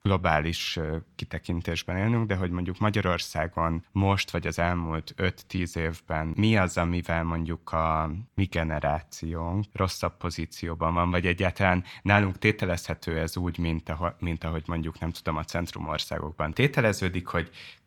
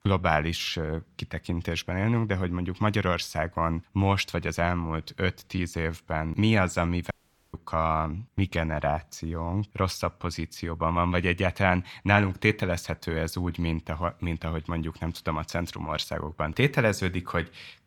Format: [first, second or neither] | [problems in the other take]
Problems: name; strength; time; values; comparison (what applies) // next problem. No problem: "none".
first | audio cutting out; at 7 s